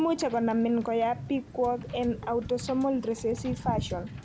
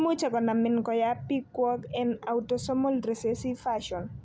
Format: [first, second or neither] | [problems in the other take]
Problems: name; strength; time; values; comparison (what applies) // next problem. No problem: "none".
second | background sound (Wind / Boat, Water vehicle); 12 dB below the speech